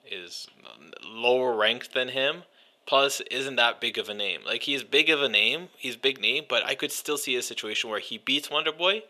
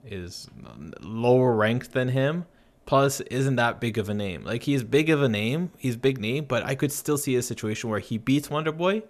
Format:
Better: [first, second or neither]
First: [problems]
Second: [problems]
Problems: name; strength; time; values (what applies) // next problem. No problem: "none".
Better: second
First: thin; somewhat; fading below 500 Hz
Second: none